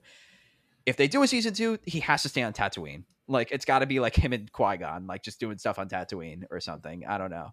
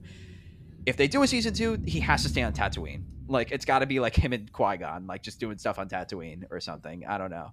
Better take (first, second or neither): first